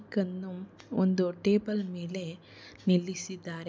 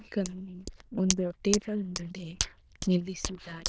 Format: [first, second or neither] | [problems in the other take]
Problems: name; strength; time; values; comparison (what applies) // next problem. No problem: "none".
first | noise reduction (neural diffusion model UNIVERSE++)